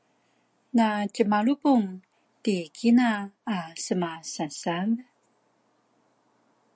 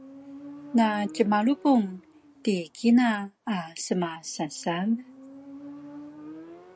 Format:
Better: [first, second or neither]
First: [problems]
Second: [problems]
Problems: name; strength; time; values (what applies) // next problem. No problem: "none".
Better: first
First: none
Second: background sound (Motorcycle); 19 dB below the speech